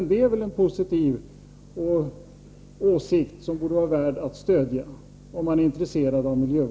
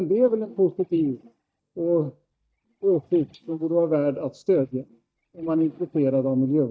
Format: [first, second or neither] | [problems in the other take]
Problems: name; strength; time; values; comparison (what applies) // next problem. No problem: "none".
first | noise reduction (neural mask model DeepFilterNet 3)